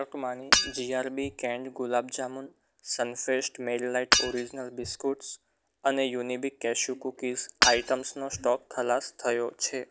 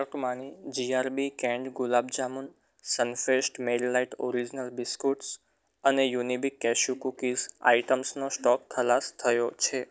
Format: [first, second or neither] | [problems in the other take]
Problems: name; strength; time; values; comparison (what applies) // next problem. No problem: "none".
second | background sound (Shatter / Hammer); 1 dB above the speech